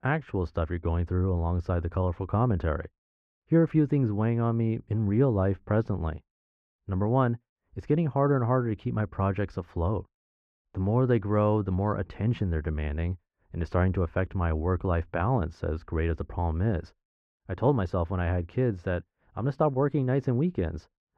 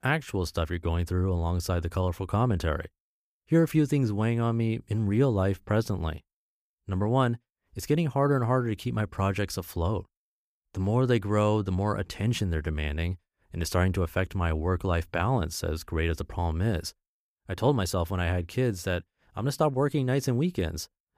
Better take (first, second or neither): second